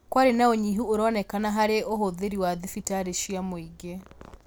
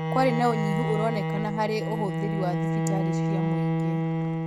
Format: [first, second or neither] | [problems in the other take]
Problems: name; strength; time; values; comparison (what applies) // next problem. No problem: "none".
first | noise reduction (neural mask model RNNoise)